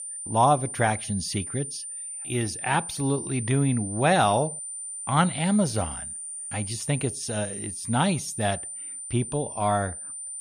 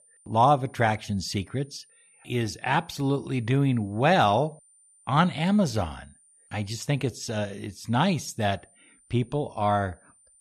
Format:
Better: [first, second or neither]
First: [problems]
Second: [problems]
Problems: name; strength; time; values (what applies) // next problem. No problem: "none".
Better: second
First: high-pitched whine; loud; throughout; 9 kHz, 7 dB below the speech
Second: high-pitched whine; faint; throughout; 9 kHz, 30 dB below the speech